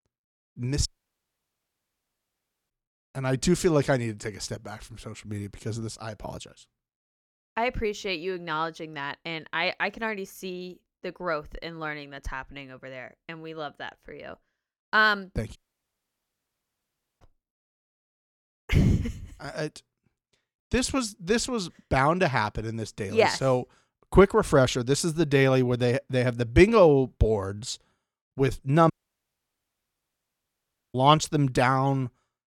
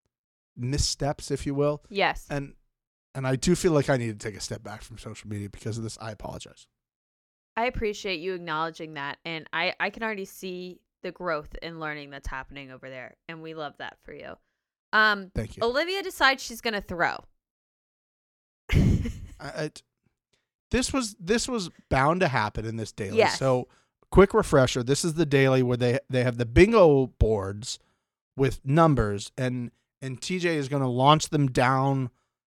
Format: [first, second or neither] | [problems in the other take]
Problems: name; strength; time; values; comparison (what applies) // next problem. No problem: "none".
second | audio cutting out; at 1 s for 2 s, at 16 s for 1.5 s and at 29 s for 2 s